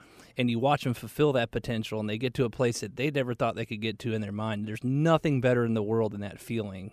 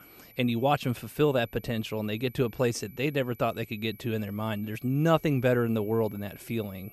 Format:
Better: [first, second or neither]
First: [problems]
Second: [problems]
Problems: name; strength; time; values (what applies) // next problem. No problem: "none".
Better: first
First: none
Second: high-pitched whine; faint; throughout; 12 kHz, 25 dB below the speech